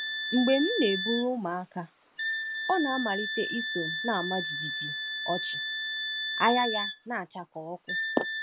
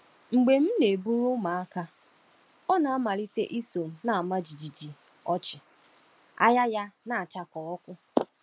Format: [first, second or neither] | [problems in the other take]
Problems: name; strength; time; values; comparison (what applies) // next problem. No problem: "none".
second | background sound (Wind instrument, woodwind instrument); 2 dB below the speech